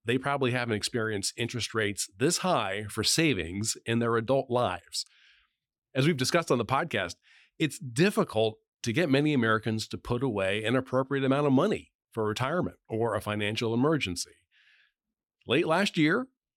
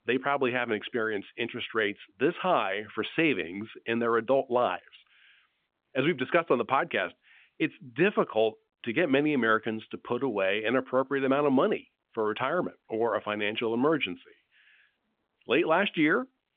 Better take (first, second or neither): first